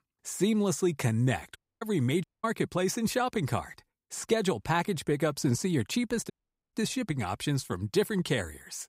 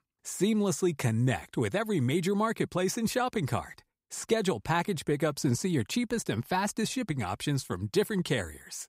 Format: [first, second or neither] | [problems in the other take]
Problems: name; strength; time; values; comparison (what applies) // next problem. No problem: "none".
second | audio cutting out; at 1.5 s, at 2 s and at 6.5 s